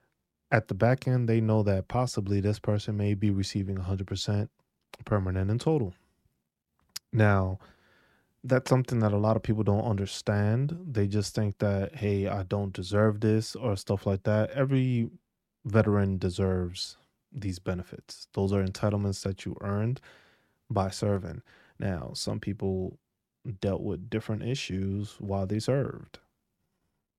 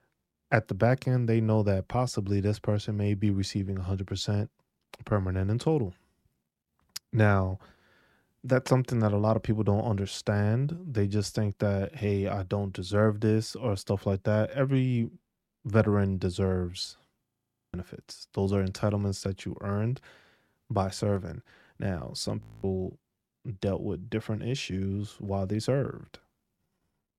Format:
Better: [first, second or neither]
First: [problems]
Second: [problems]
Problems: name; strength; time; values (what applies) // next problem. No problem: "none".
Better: first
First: none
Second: audio freezing; at 17 s and at 22 s